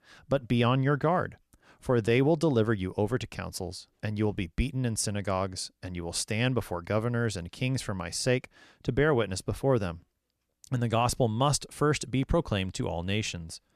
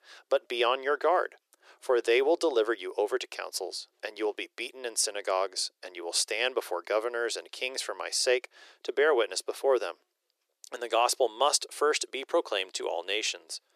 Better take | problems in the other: first | thin; very; fading below 350 Hz

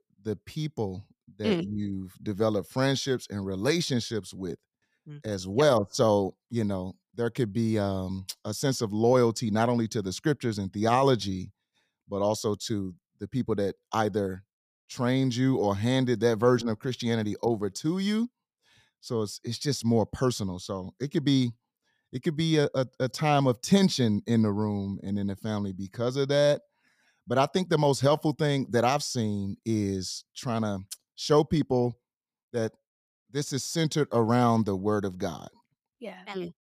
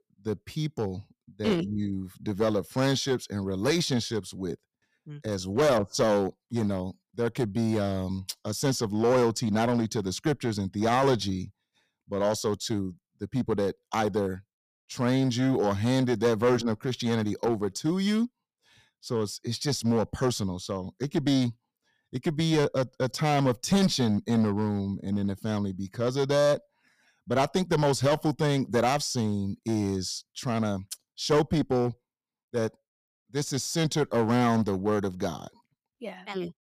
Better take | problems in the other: first | distortion; slight; 5% of the sound clipped

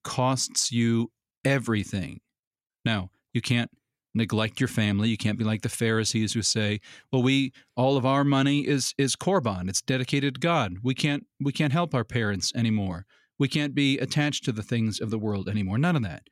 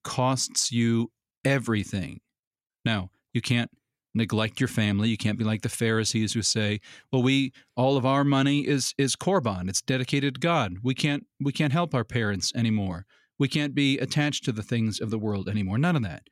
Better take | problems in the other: neither | none

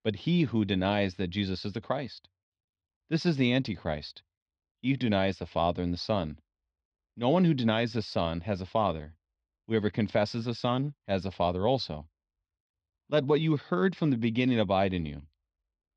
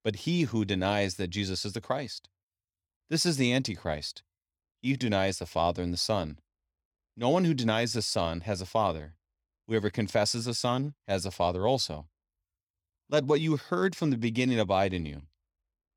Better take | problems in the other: second | muffled; slightly; fading above 4 kHz

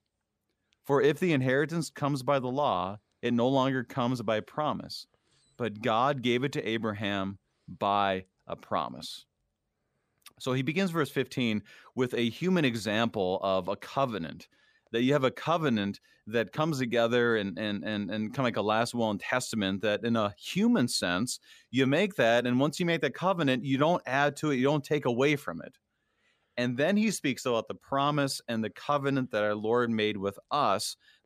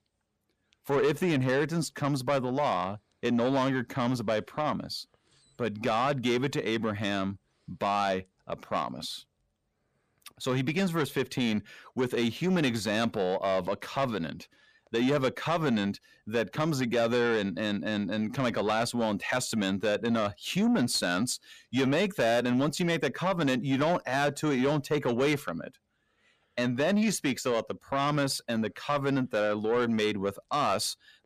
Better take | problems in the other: first | distortion; slight; 10 dB below the speech

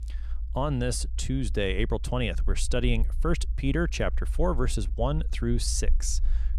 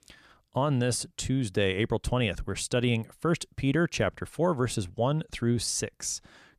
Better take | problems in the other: second | low rumble; faint; throughout; 25 dB below the speech

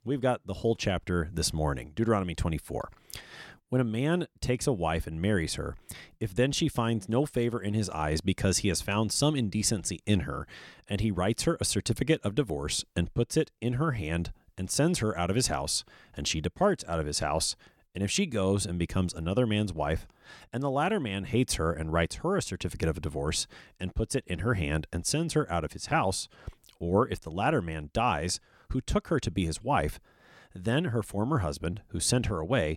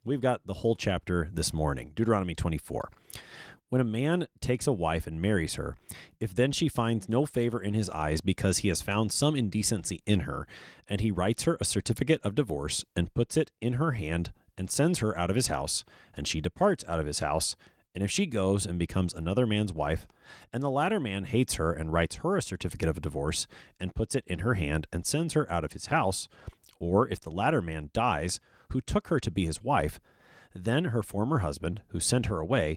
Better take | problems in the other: first | garbled, watery; slightly; nothing above 17.5 kHz

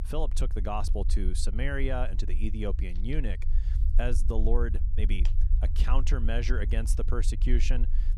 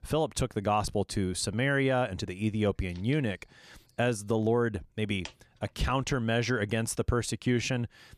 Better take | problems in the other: second | low rumble; noticeable; throughout; 15 dB below the speech

